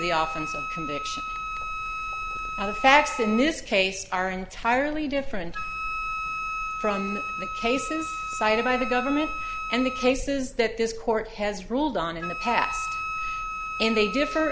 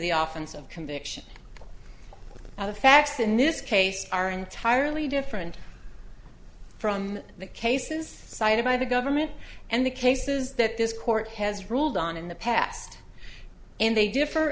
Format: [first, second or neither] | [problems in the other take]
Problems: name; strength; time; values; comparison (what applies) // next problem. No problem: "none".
second | background sound (Wind instrument, woodwind instrument); 6 dB below the speech